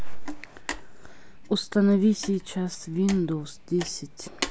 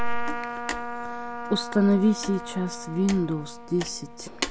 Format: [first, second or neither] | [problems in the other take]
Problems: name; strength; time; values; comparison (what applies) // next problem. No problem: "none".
first | background sound (Trumpet); 10 dB below the speech